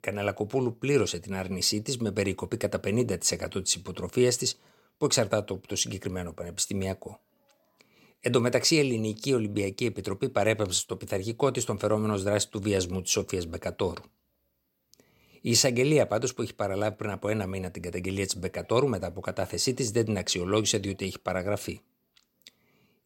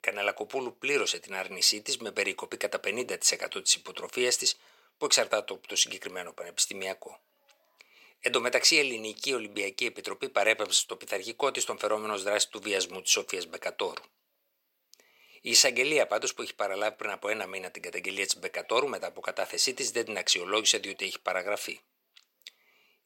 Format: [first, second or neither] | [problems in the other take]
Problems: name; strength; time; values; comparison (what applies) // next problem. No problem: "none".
first | thin; very; fading below 550 Hz